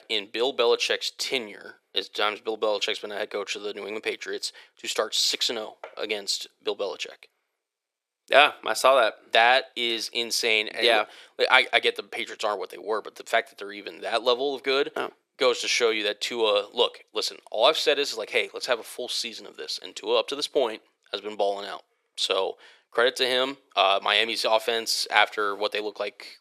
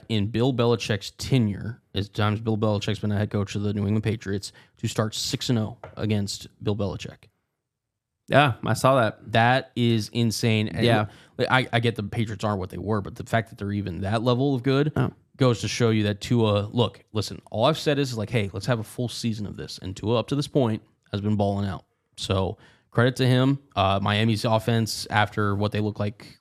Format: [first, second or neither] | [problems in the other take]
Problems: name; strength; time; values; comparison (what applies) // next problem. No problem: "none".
second | thin; very; fading below 450 Hz